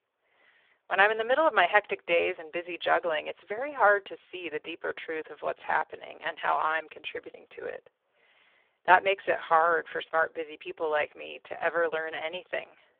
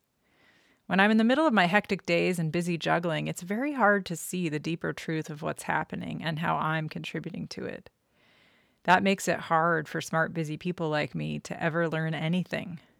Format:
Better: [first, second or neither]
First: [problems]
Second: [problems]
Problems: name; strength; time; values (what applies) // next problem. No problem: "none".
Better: second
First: phone-call audio; poor line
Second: none